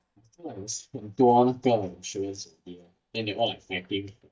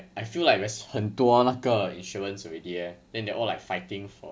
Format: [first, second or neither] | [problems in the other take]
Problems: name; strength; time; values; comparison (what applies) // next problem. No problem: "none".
second | noise reduction (neural mask model DeepFilterNet 3)